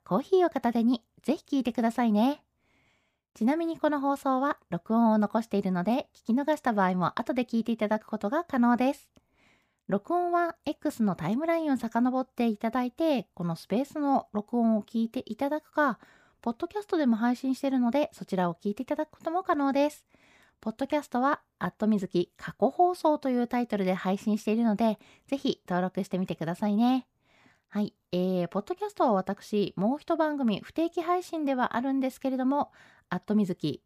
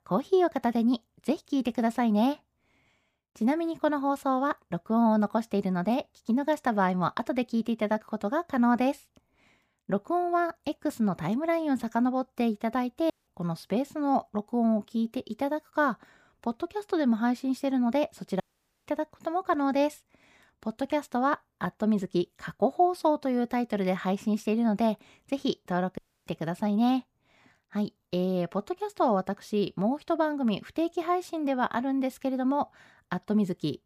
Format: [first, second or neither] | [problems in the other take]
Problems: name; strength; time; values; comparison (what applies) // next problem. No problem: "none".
first | audio cutting out; at 13 s, at 18 s and at 26 s